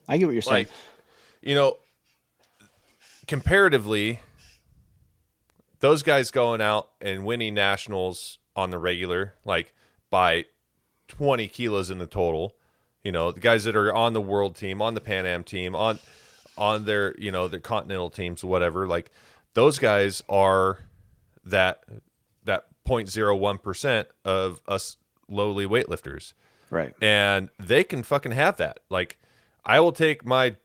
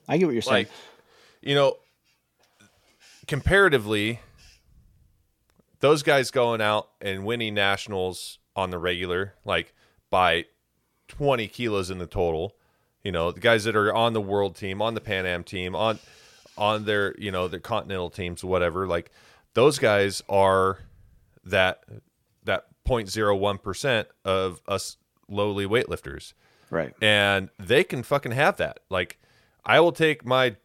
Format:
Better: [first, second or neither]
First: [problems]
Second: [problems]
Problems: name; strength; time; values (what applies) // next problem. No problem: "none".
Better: second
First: garbled, watery; slightly; nothing above 17.5 kHz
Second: none